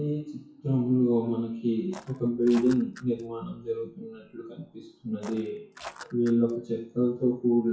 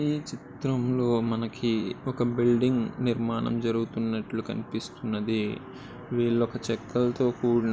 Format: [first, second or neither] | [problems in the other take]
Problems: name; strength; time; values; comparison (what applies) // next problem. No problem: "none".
second | noise reduction (classical method WPE with log-MMSE)